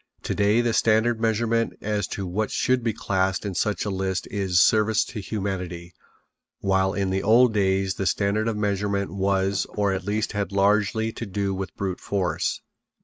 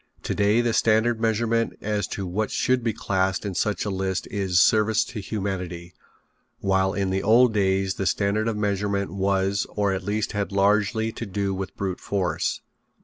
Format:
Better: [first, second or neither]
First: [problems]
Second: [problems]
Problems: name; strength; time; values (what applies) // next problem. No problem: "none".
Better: second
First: noise reduction (neural mask model RNNoise)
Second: none